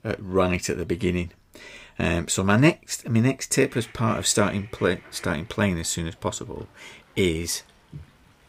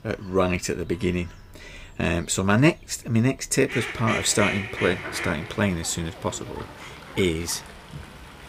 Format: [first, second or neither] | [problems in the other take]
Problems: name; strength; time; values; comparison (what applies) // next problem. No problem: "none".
first | animal sounds; loud; throughout; 8 dB below the speech; faint in the first